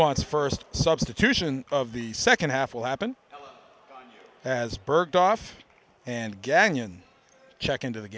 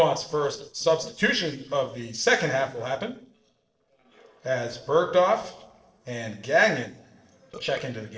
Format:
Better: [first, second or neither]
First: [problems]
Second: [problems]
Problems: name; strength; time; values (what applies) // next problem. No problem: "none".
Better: first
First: none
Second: noise reduction (neural separator model SepFormer DNS4)